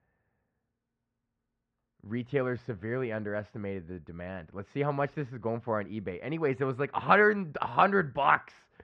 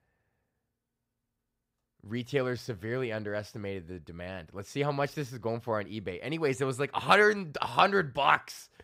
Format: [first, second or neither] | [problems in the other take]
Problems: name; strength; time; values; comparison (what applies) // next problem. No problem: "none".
second | muffled; very; fading above 1.5 kHz